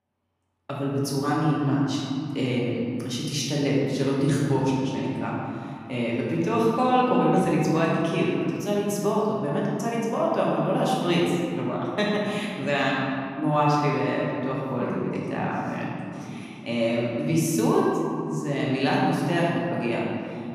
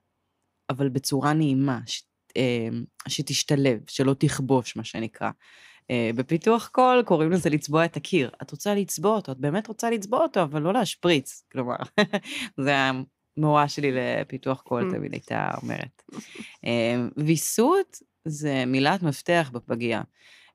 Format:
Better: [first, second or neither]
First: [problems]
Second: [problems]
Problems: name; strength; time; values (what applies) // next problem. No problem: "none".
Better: second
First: room echo; noticeable; dies away in 2.7 s // off-mic speech; far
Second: none